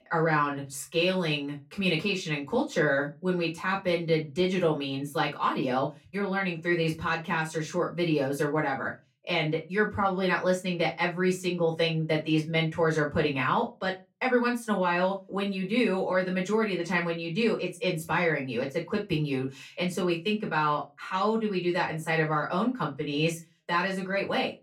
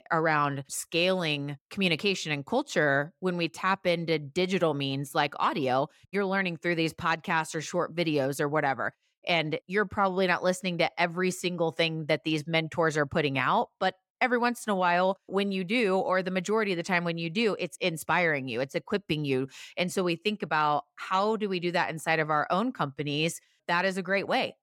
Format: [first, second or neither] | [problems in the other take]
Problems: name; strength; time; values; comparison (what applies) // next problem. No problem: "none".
second | off-mic speech; far // room echo; very slight; dies away in 0.2 s